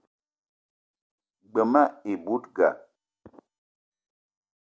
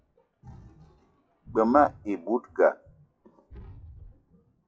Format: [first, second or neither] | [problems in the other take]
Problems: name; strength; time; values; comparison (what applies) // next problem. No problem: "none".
first | noise reduction (classical method WPE with log-MMSE)